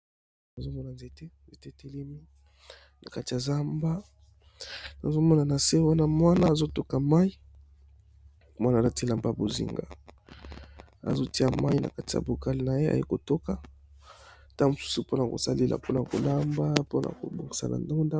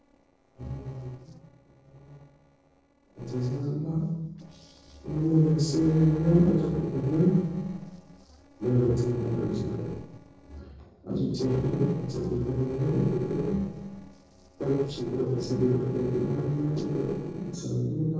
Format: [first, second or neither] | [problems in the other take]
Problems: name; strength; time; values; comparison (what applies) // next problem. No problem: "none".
first | noise reduction (neural separator model SepFormer DNS4)